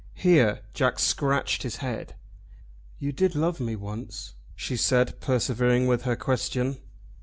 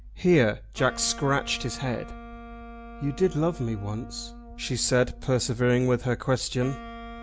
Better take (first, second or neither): first